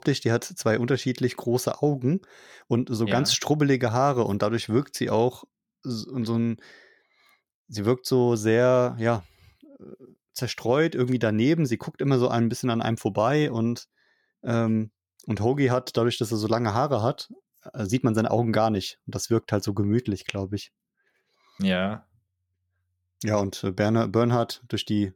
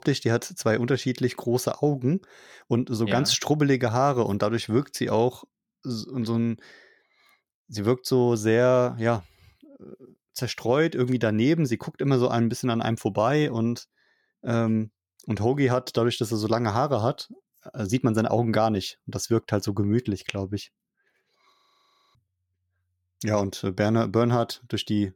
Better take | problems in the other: first | audio freezing; at 22 s for 0.5 s

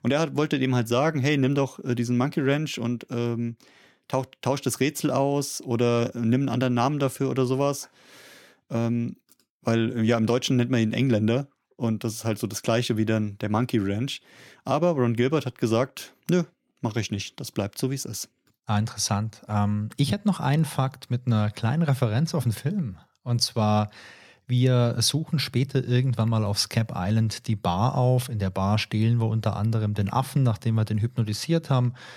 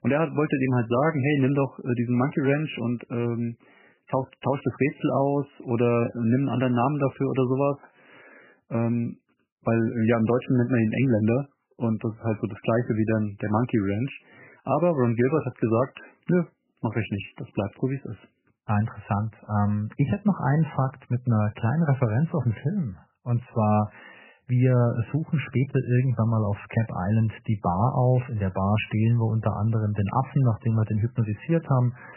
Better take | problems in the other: first | garbled, watery; badly; nothing above 3 kHz

